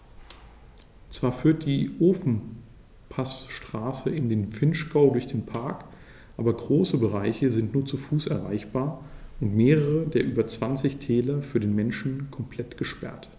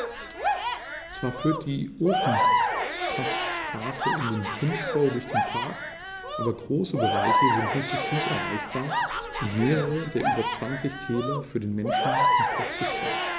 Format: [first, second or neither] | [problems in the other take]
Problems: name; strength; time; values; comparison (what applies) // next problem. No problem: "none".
first | background sound (Crowd / Cheering); 2 dB above the speech